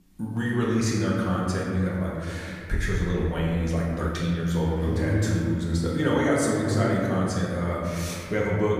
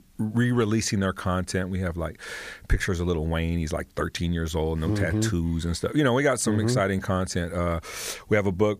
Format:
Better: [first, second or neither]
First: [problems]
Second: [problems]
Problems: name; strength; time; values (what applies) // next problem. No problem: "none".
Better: second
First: room echo; noticeable; dies away in 1.9 s // off-mic speech; far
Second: none